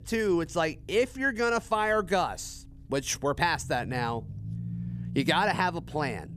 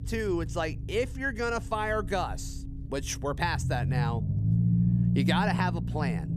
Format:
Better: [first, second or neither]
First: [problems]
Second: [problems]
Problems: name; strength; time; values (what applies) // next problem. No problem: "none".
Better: first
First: low rumble; faint; throughout; 25 dB below the speech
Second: low rumble; loud; throughout; 9 dB below the speech